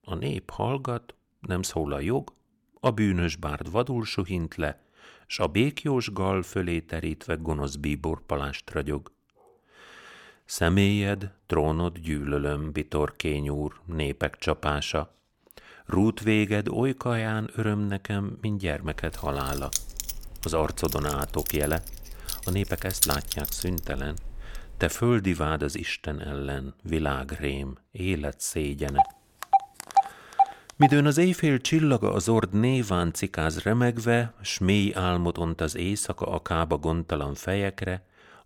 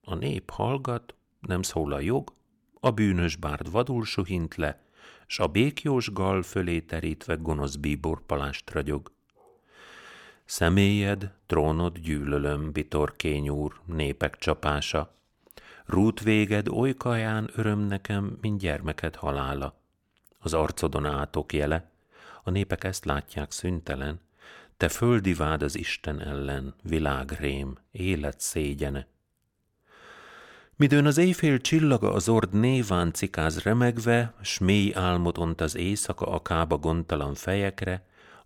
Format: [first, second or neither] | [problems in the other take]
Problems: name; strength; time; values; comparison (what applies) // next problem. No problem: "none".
second | jangling keys; loud; from 19 to 25 s; peak 3 dB above the speech // phone ringing; loud; from 29 to 31 s; peak 2 dB above the speech